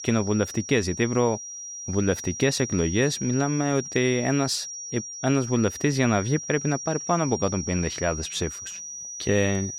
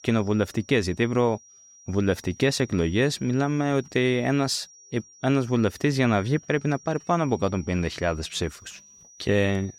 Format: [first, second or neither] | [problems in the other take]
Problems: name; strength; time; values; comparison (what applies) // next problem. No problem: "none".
second | high-pitched whine; loud; throughout; 5.5 kHz, 8 dB below the speech; faint in the second